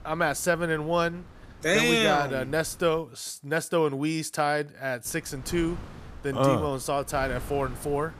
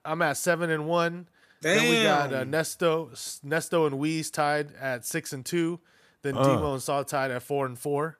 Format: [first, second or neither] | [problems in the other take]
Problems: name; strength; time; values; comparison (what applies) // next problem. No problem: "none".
second | wind noise on the microphone; occasional gusts; until 3 s and from 5 s on; 20 dB below the speech